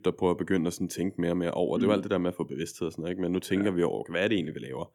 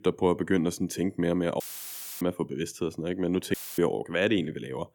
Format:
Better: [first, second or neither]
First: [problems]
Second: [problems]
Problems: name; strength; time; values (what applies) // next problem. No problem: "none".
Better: first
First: none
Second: audio cutting out; filled with static; at 1.5 s for 0.5 s and at 3.5 s